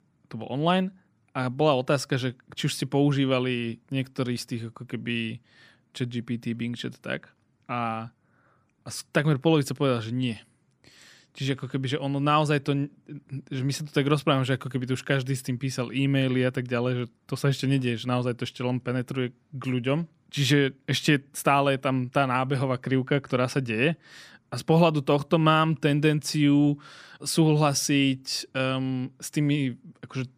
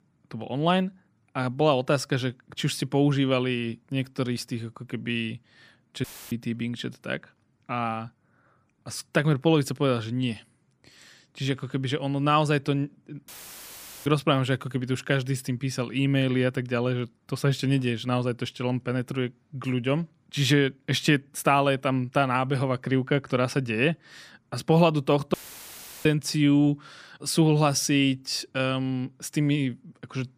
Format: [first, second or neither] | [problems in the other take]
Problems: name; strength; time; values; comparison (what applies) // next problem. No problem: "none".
first | audio cutting out; filled with static; at 6 s, at 13 s for 1 s and at 25 s for 0.5 s